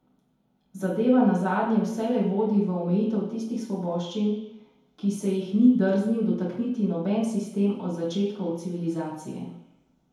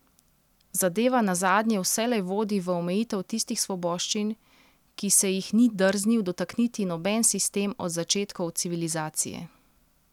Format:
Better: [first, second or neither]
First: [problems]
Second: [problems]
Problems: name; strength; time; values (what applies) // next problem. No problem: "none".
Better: second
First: room echo; dies away in 2 s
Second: none